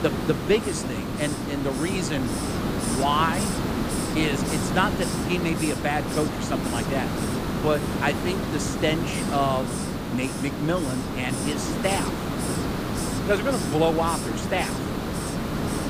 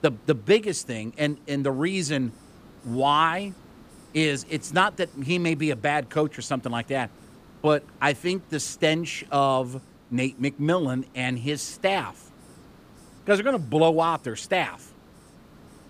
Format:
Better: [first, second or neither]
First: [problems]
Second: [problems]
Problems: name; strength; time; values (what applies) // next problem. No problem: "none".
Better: second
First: hiss; loud; throughout; 1 dB below the speech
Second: hiss; faint; throughout; 25 dB below the speech